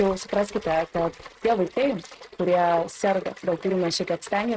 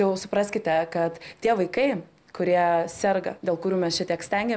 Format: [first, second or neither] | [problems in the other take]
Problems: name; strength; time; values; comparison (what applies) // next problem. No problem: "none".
second | noise reduction (neural mask model RNNoise)